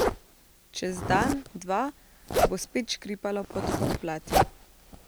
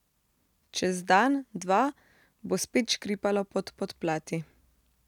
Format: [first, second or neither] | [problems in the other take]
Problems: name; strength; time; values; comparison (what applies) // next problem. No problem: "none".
second | background sound (Zipper (clothing)); 2 dB above the speech